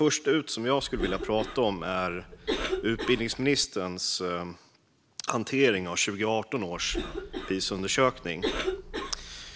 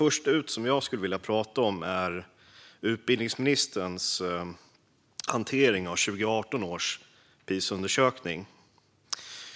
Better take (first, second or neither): second